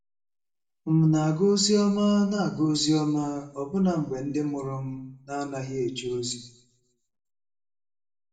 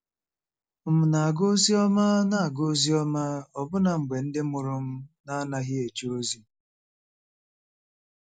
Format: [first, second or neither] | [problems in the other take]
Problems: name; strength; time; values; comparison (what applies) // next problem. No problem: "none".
second | room echo; dies away in 0.6 s